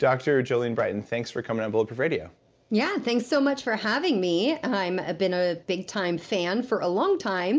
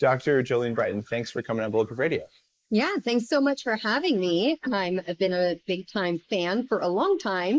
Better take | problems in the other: first | noise reduction (neural mask model Resemble Enhance denoiser)

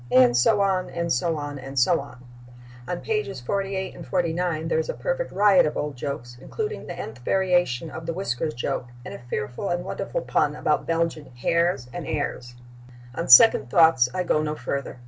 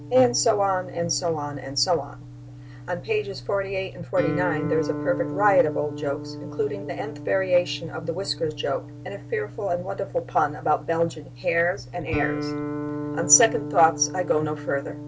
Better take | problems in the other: first | background sound (Guitar); 10 dB below the speech

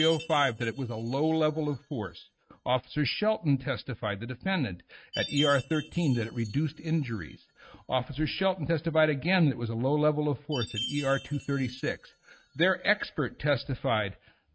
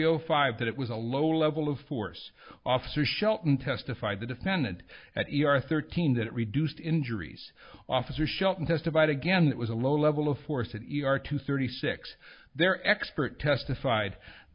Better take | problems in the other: second | noise reduction (neural mask model RNNoise)

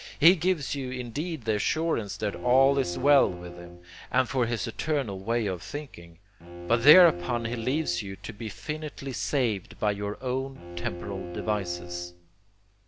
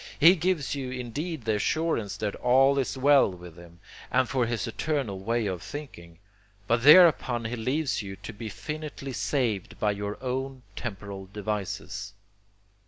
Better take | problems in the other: second | background sound (Bowed string instrument); 14 dB below the speech

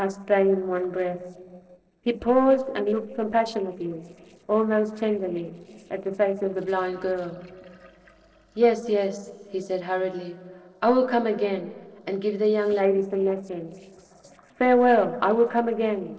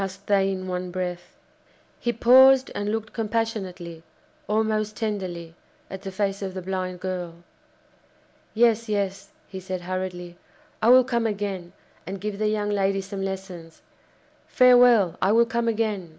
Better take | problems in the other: second | noise reduction (neural separator model SepFormer DNS4)

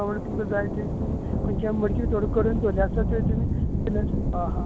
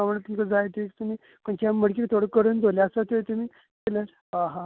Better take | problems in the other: second | background sound (Thunder / Rain); 3 dB above the speech

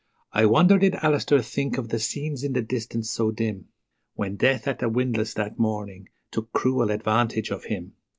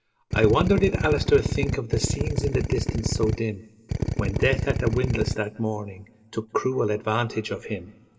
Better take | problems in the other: first | background sound (Drill); as loud as the speech // room echo; dies away in 1.2 s

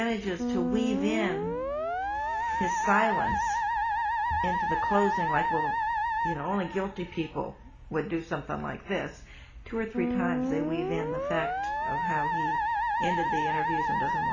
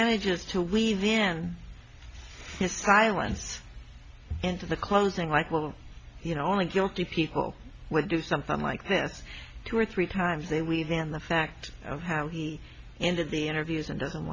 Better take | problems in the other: second | background sound (Musical instrument); 3 dB above the speech // room echo; dies away in 0.4 s

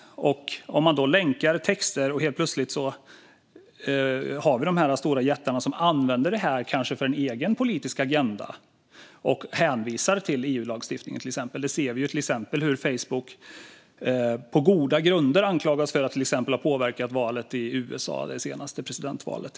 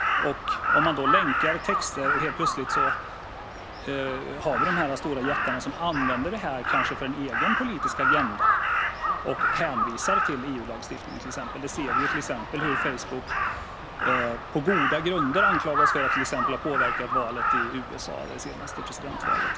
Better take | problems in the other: first | background sound (Crow); 4 dB above the speech

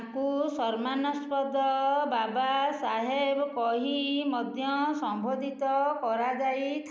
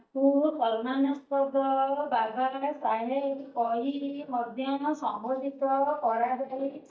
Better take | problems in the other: first | noise reduction (neural mask model DeepFilterNet 3)

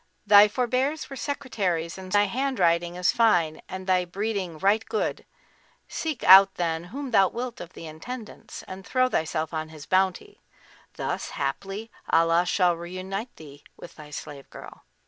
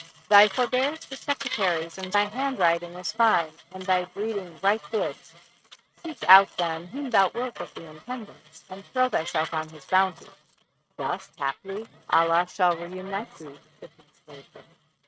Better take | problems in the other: first | noise reduction (neural mask model RNNoise)

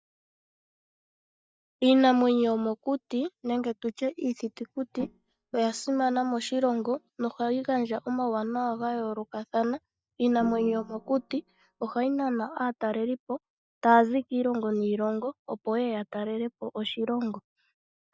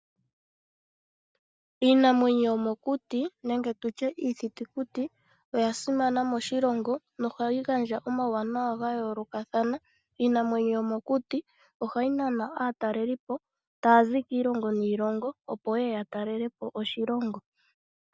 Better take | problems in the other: second | noise reduction (neural mask model DeepFilterNet 3)

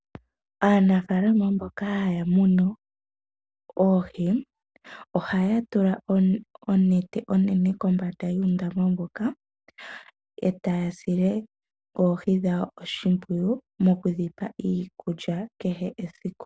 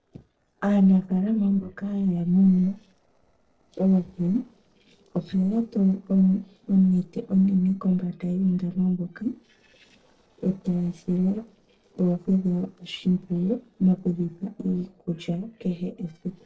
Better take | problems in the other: first | noise reduction (neural separator model SepFormer DNS4)

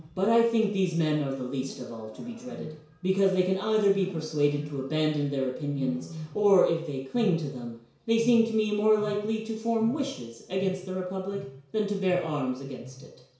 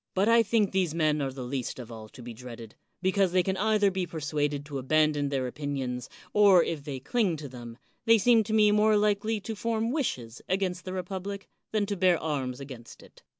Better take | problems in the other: second | background sound (Wild animals); 18 dB below the speech // room echo; dies away in 0.6 s

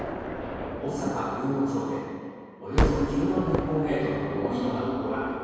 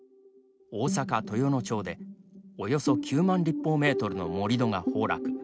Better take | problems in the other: second | background sound (Gunshot, gunfire); 3 dB below the speech // room echo; dies away in 2.2 s

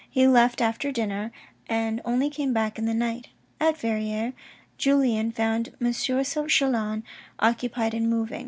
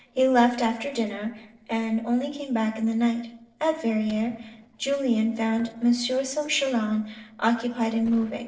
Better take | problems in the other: first | noise reduction (neural separator model SepFormer DNS4)

